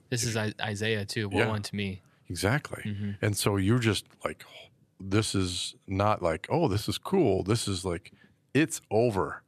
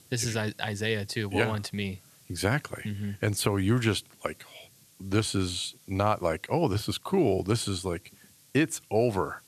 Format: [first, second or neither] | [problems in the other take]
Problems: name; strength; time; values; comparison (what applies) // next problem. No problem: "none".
first | hiss; faint; throughout; 25 dB below the speech